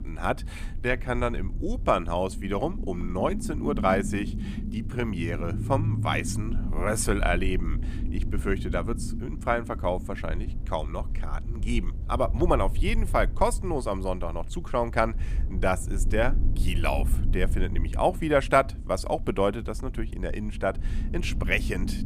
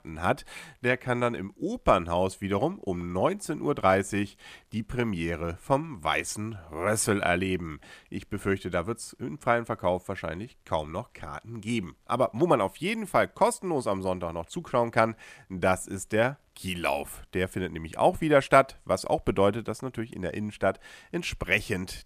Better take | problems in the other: second | low rumble; noticeable; throughout; 15 dB below the speech

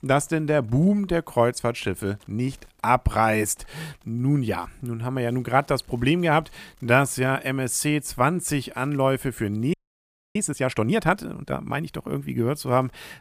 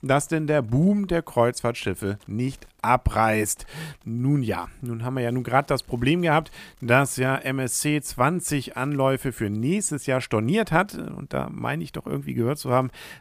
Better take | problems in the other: second | audio freezing; at 9.5 s for 0.5 s

